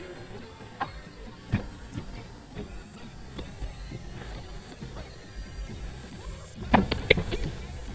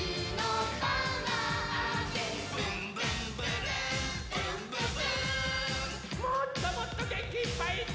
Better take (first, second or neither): second